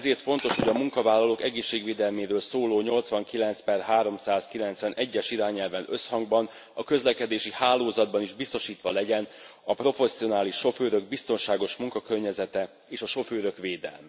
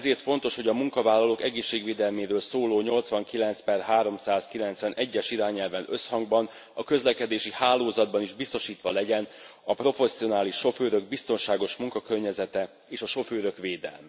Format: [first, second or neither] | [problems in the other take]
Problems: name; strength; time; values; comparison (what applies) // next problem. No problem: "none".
second | background sound (Shatter); 8 dB below the speech